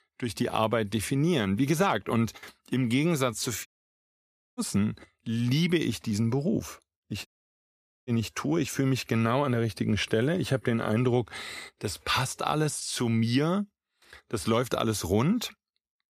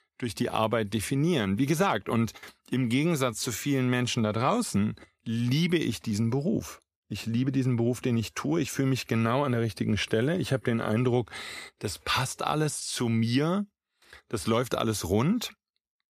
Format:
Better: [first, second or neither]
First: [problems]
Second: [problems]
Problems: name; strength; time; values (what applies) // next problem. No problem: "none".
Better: second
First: audio cutting out; at 3.5 s for 1 s and at 7.5 s for 1 s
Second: none